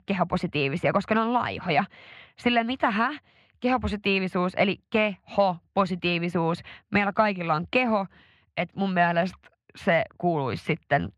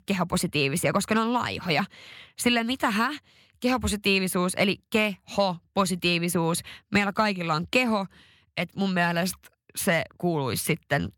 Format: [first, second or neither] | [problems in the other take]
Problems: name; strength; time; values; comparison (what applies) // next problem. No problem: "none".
second | muffled; slightly; fading above 2.5 kHz